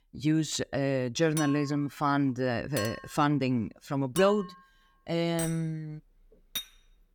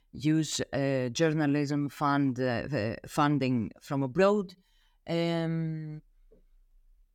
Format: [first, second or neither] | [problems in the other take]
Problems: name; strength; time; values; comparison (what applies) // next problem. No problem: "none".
second | clattering dishes; noticeable; from 1.5 to 6.5 s; peak 8 dB below the speech